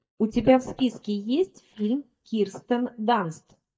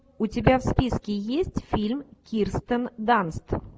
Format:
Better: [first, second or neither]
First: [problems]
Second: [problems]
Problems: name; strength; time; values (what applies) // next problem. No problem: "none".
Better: second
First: noise reduction (neural mask model DeepFilterNet 3)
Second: none